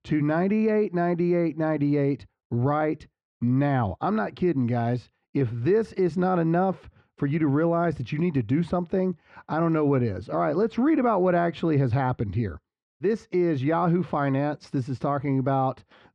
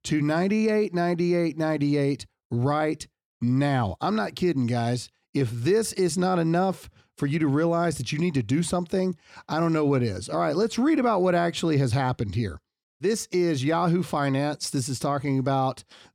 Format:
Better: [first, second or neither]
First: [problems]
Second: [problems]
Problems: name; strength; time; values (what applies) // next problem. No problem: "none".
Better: second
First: muffled; very; fading above 2 kHz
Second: none